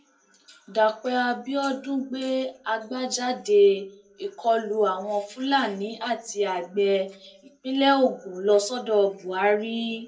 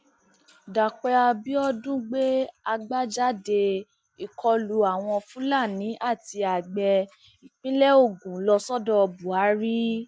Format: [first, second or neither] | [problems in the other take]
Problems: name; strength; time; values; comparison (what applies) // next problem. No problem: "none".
second | room echo; dies away in 0.2 s